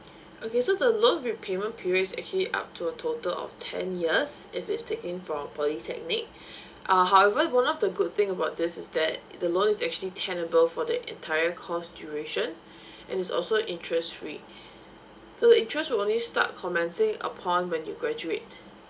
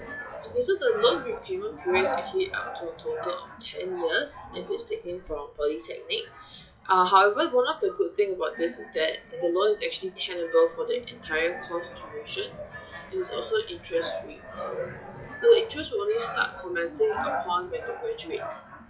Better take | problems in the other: first | noise reduction (classical method log-MMSE)

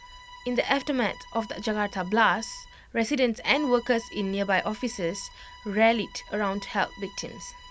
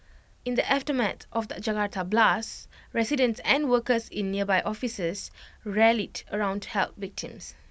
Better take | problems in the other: second | background sound (Bowed string instrument); 19 dB below the speech

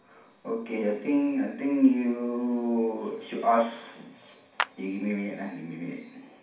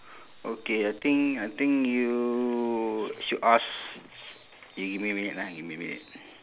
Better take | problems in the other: second | background sound (Clapping); 10 dB below the speech // room echo; dies away in 0.6 s

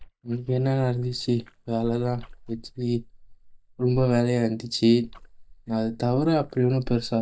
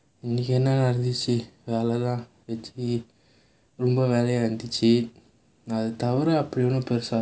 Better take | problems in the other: second | noise reduction (neural mask model DeepFilterNet 3)

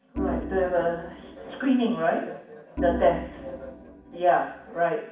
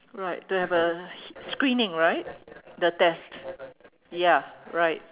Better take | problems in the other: second | background sound (Organ); 9 dB below the speech // room echo; dies away in 0.6 s

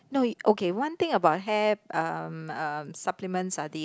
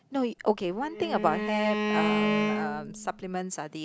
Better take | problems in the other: first | background sound (Bowed string instrument); 1 dB above the speech

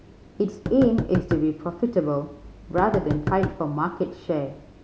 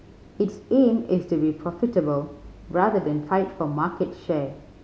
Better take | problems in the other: second | background sound (Knock); 7 dB below the speech

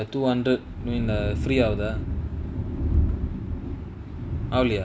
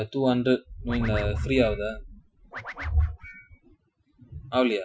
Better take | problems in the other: first | noise reduction (classical method Wiener filter)

